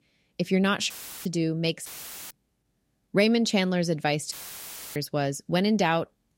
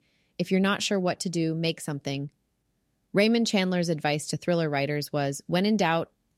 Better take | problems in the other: second | audio cutting out; filled with static; at 1 s, at 2 s and at 4.5 s for 0.5 s

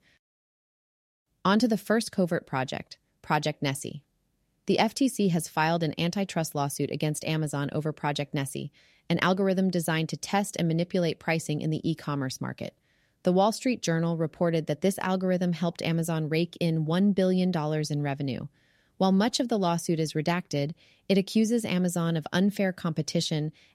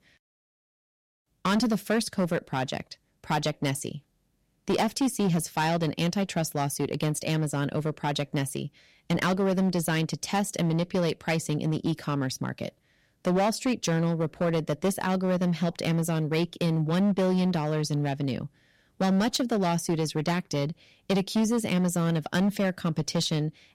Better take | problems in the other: first | distortion; slight; 9% of the sound clipped

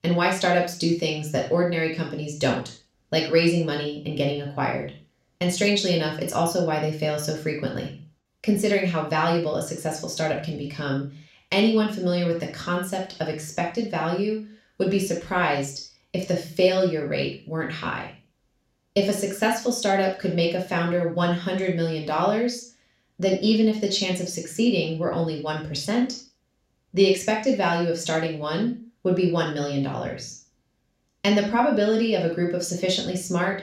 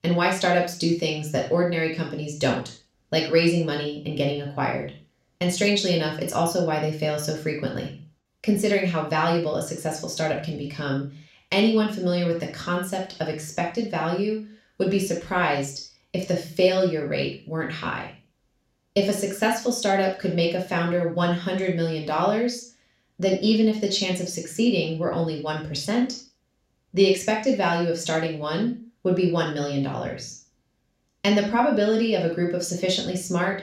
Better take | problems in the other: neither | room echo; noticeable; dies away in 0.3 s; the same in both // off-mic speech; far; the same in both

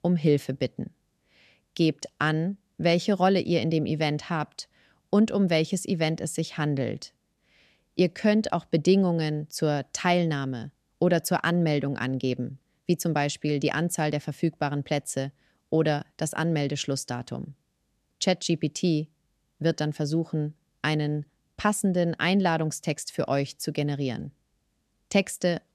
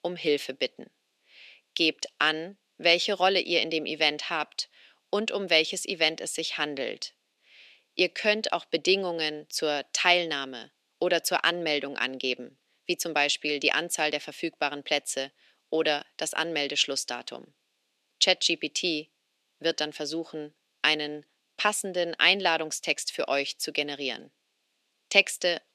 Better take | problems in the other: first | thin; somewhat; fading below 350 Hz

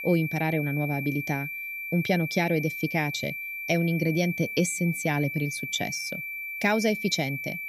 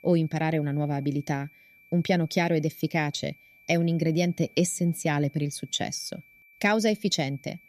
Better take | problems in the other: second | high-pitched whine; loud; throughout; 2.5 kHz, 5 dB below the speech; faint in the second

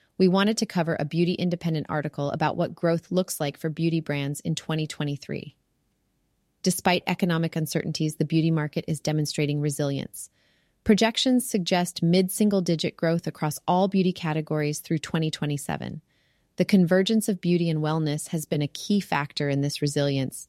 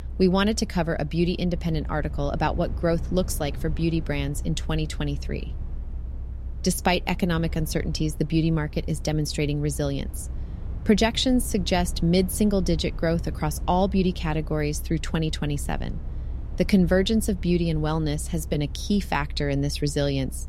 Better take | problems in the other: first | low rumble; faint; throughout; 20 dB below the speech

